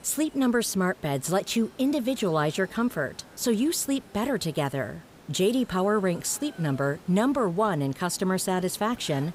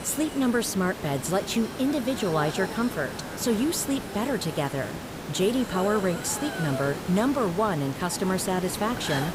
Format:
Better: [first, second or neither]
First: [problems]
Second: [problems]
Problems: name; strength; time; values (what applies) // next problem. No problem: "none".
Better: first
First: hiss; faint; throughout; 25 dB below the speech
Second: hiss; loud; throughout; 8 dB below the speech